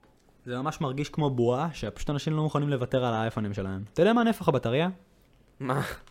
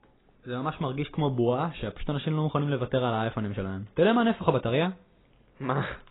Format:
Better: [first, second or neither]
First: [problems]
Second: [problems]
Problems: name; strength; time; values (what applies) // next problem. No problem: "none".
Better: first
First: none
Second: garbled, watery; badly; nothing above 4 kHz